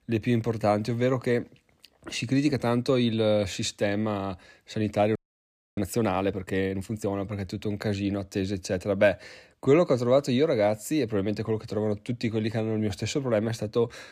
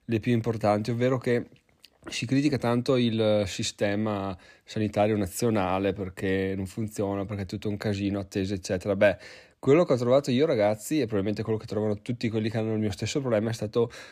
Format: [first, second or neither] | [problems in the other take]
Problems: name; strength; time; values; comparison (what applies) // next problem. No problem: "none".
second | audio freezing; at 5 s for 0.5 s